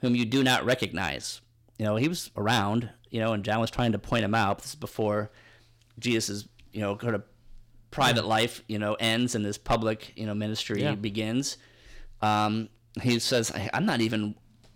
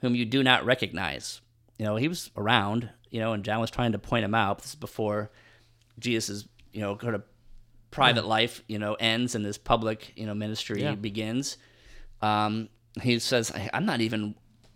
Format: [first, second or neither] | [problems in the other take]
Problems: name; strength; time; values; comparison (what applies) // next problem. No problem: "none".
second | distortion; slight; 1.8% of the sound clipped